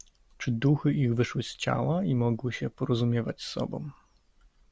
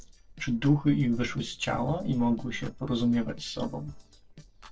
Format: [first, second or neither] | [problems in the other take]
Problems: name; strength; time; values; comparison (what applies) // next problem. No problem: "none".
first | noise reduction (neural separator model SepFormer DNS4)